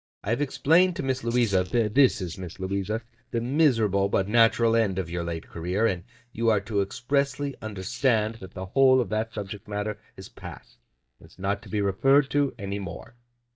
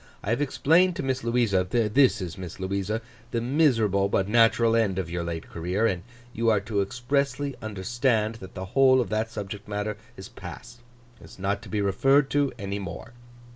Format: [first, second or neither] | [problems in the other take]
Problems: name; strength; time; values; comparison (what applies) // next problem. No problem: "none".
second | noise reduction (neural mask model DeepFilterNet 3)